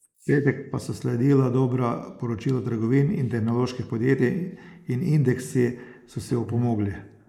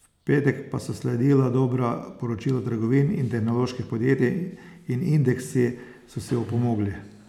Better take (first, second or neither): second